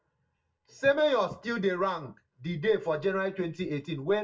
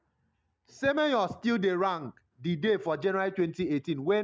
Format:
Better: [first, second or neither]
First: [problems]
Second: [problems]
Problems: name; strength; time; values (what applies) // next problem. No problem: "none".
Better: second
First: room echo; dies away in 0.2 s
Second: none